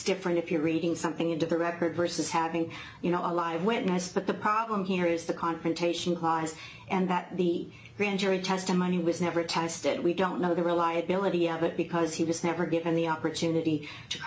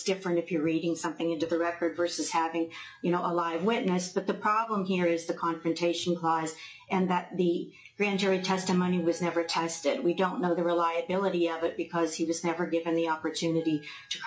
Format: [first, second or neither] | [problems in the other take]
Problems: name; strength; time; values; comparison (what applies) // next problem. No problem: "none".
first | noise reduction (classical method log-MMSE)